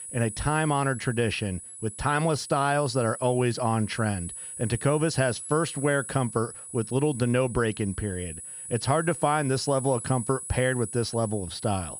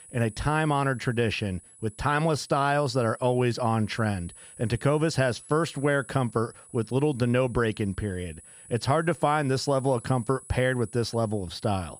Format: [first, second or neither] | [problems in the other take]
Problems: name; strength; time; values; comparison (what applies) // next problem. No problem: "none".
second | high-pitched whine; loud; throughout; 10.5 kHz, 10 dB below the speech; faint in the second